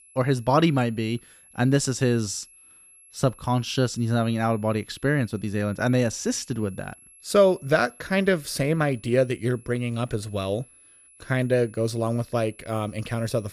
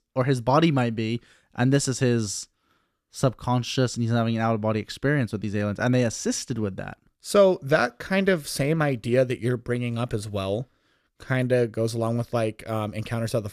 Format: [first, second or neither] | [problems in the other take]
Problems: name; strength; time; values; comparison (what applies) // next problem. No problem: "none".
second | high-pitched whine; faint; throughout; 11 kHz, 25 dB below the speech